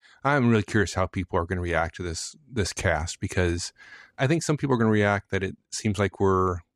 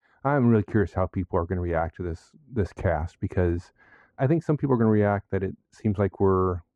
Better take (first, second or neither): first